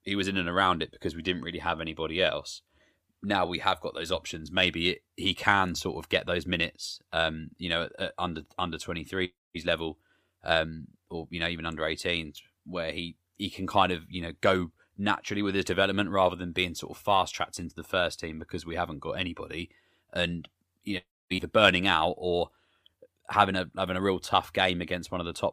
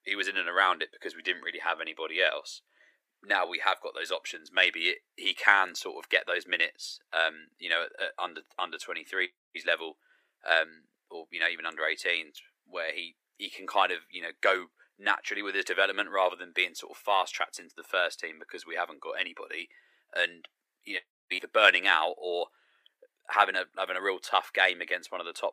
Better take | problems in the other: first | thin; very; fading below 400 Hz

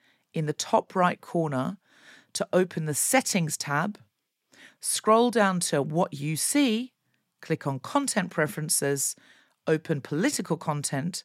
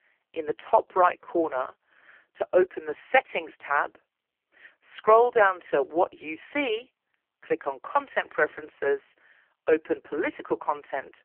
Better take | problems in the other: first | phone-call audio; poor line; nothing above 3 kHz

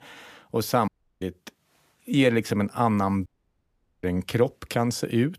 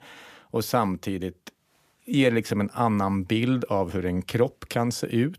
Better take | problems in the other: second | audio cutting out; at 1 s and at 3.5 s for 1 s

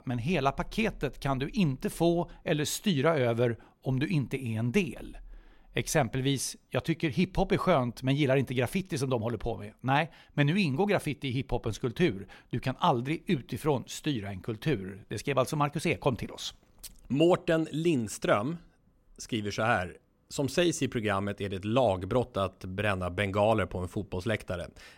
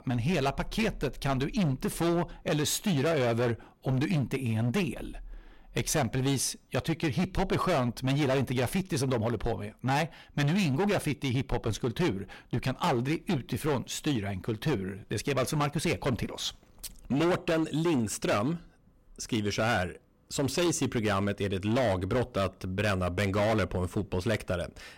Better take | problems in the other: first | distortion; heavy; 14% of the sound clipped

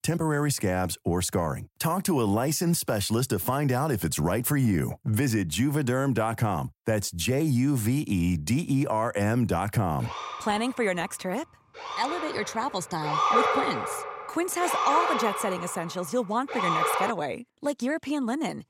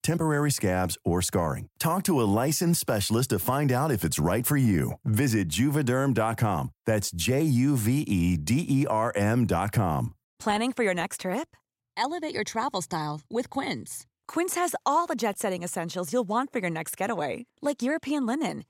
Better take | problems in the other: second | siren; loud; from 10 to 17 s; peak 5 dB above the speech

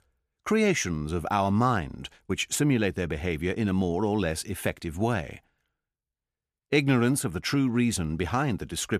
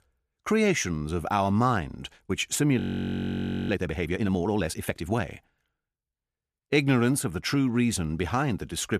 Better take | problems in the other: first | audio freezing; at 3 s for 1 s

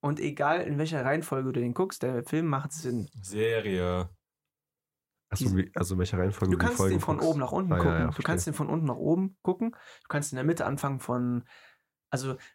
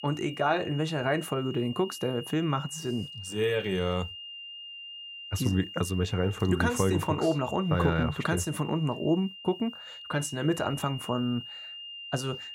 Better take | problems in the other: first | high-pitched whine; noticeable; throughout; 3 kHz, 10 dB below the speech

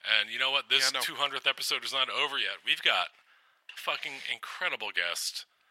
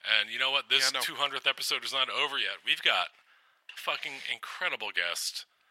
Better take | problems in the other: neither | thin; very; fading below 900 Hz; the same in both

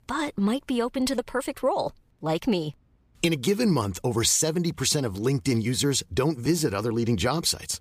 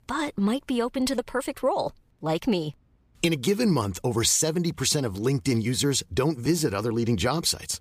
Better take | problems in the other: neither | none

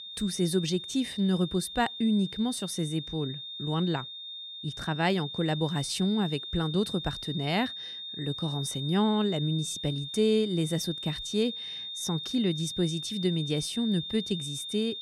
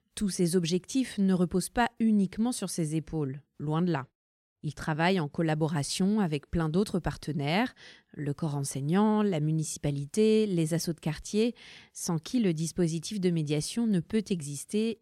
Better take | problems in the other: second | high-pitched whine; loud; throughout; 3.5 kHz, 7 dB below the speech

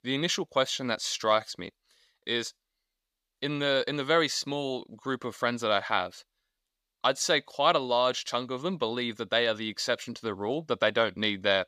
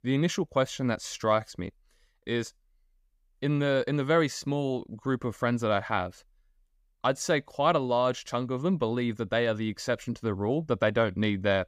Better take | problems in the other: second | thin; very slightly; fading below 500 Hz

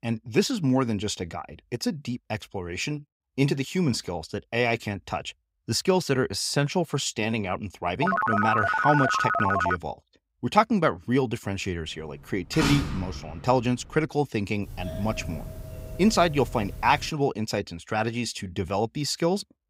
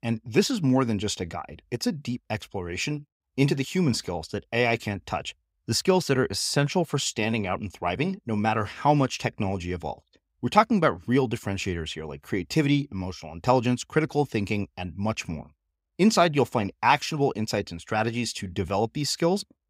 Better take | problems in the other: second | phone ringing; loud; from 8 to 10 s; peak 3 dB above the speech // door banging; noticeable; from 13 to 14 s; peak level with the speech // doorbell; faint; from 15 to 17 s; peak 10 dB below the speech

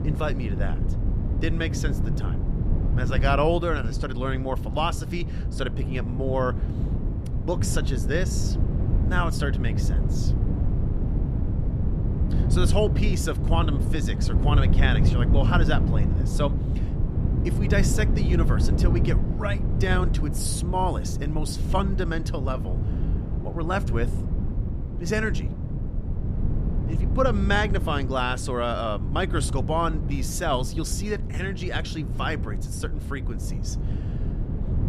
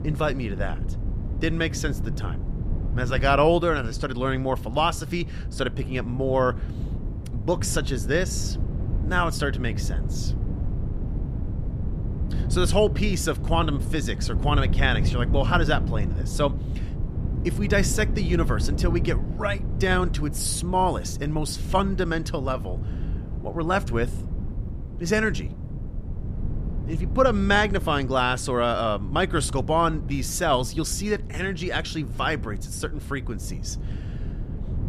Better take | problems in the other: second | wind noise on the microphone; heavy; 9 dB below the speech; occasional gusts in the second

